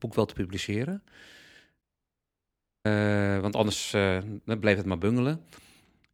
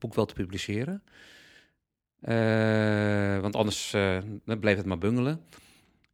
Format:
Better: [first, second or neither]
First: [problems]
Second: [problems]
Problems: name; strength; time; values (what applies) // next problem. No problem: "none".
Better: second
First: audio cutting out; at 2 s for 1 s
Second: none